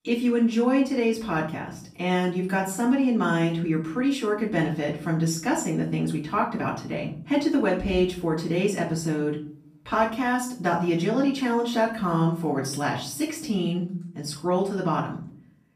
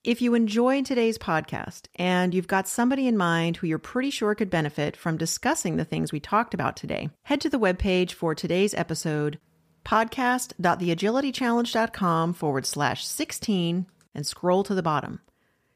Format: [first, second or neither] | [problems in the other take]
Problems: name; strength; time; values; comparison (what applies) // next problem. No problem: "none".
second | off-mic speech; far // room echo; slight; dies away in 0.5 s